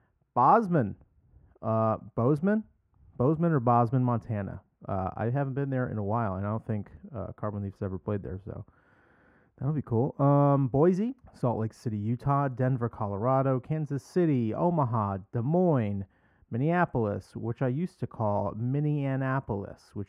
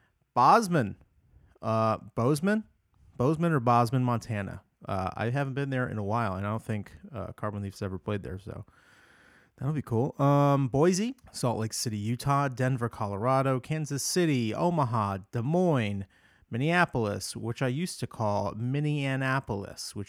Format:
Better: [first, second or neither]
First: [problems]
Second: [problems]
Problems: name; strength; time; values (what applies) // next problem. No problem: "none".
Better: second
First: muffled; very; fading above 2 kHz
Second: none